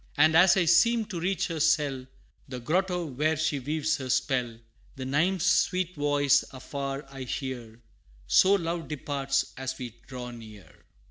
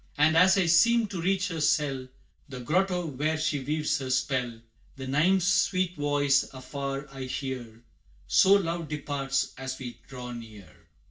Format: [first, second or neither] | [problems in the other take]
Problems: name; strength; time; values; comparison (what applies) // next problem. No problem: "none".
first | room echo; dies away in 0.1 s